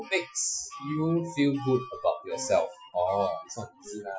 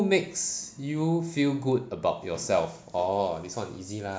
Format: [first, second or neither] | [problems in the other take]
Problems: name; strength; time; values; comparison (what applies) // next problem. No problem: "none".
second | noise reduction (classical method Wiener filter)